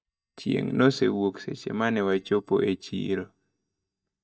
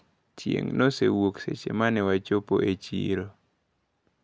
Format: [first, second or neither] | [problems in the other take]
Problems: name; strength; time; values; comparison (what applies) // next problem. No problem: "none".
second | noise reduction (neural mask model DeepFilterNet 3)